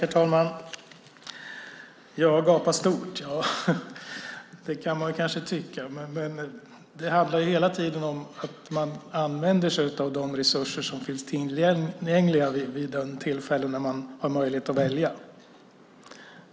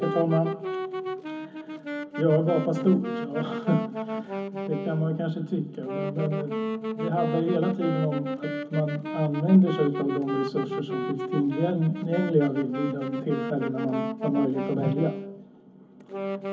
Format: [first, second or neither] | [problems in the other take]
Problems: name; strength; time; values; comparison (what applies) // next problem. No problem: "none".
first | background sound (Wind instrument, woodwind instrument); 5 dB below the speech // room echo; dies away in 0.3 s